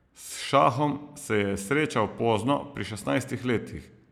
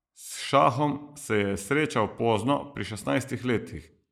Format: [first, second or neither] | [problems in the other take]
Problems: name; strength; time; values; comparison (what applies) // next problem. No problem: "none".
first | noise reduction (neural mask model Resemble Enhance denoiser)